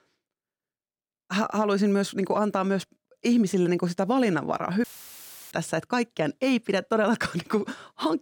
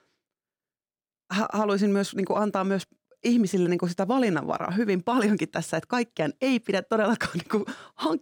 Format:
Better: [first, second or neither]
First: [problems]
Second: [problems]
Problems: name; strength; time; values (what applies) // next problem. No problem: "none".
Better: second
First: audio cutting out; filled with static; at 5 s for 0.5 s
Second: none